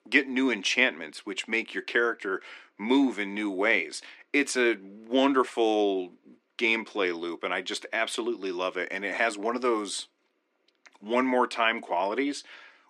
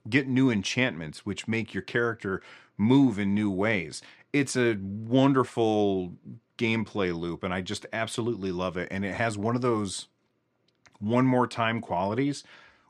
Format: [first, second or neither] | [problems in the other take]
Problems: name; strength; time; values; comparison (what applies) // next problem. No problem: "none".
second | thin; very slightly; fading below 250 Hz